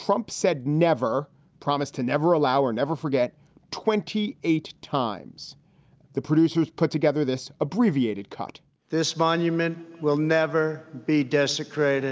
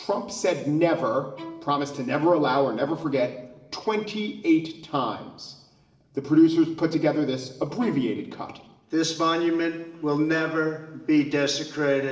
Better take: first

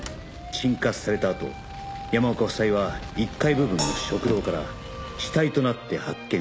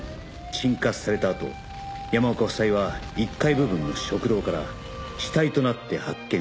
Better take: second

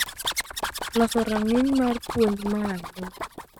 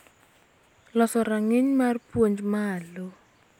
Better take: second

